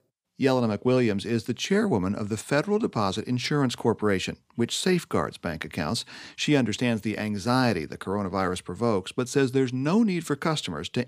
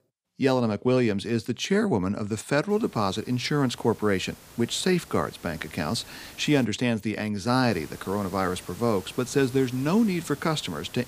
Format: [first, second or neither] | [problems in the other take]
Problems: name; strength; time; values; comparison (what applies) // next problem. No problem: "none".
first | hiss; noticeable; from 2.5 to 6.5 s and from 7.5 s on; 20 dB below the speech